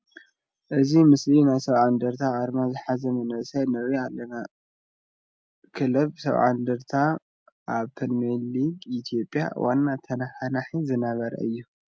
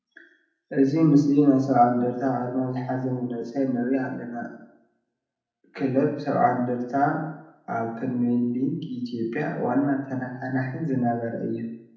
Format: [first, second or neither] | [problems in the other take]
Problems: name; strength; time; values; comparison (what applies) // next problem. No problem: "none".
first | room echo; dies away in 0.7 s